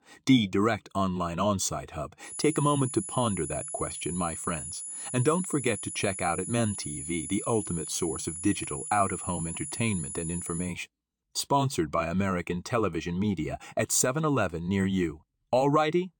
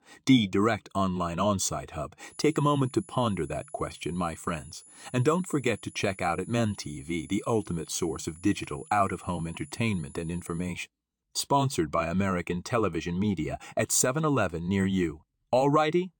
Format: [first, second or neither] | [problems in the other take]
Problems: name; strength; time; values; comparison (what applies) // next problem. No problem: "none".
second | high-pitched whine; loud; from 2.5 to 11 s; 10 kHz, 6 dB below the speech; faint in the second